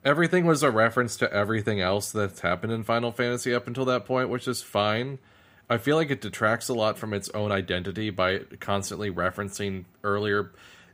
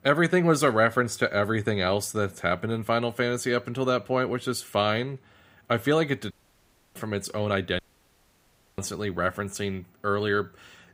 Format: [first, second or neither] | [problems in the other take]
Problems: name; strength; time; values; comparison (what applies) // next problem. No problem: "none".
first | audio cutting out; at 6.5 s for 0.5 s and at 8 s for 1 s